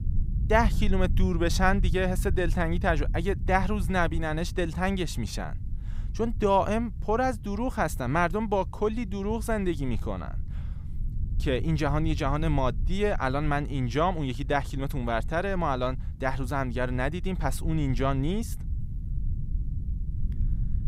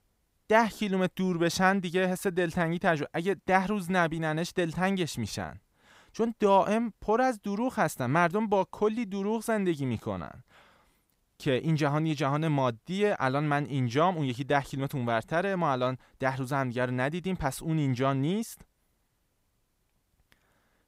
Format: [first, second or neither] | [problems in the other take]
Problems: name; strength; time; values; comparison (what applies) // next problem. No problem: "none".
second | low rumble; faint; throughout; 20 dB below the speech